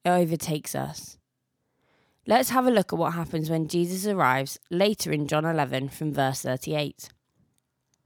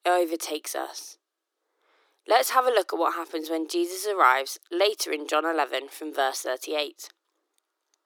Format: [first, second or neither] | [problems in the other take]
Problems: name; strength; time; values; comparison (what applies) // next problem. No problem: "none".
first | thin; very; fading below 300 Hz